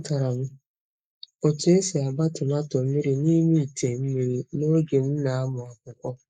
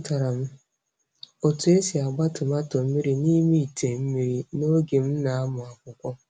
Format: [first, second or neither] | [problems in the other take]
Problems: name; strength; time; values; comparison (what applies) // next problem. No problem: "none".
second | noise reduction (neural mask model Resemble Enhance denoiser)